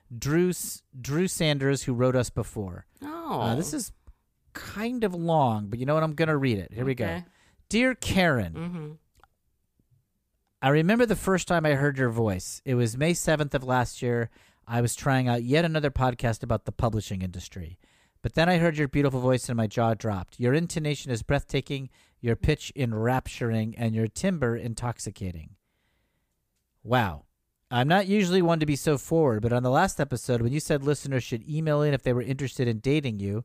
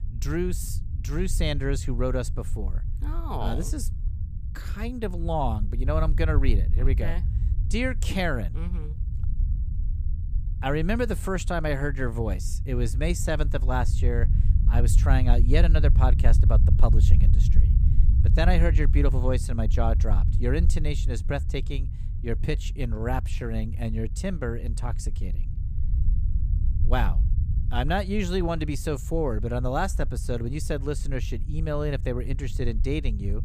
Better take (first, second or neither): first